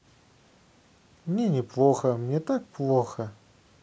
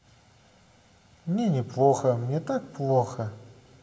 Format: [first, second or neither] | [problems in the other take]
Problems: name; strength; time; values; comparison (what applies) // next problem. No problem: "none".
first | room echo; dies away in 1.5 s